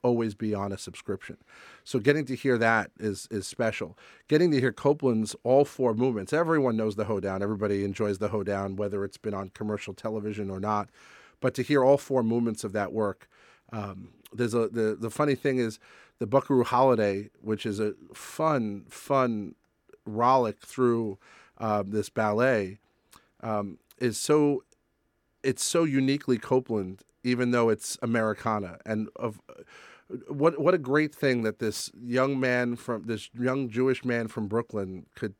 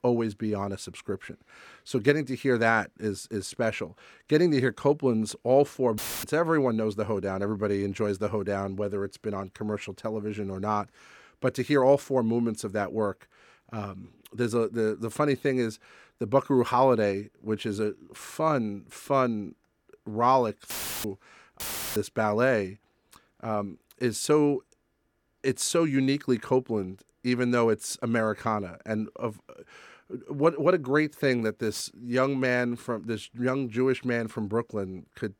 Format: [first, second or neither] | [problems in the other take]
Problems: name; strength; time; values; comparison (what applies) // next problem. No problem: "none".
first | audio cutting out; filled with static; at 6 s, at 21 s and at 22 s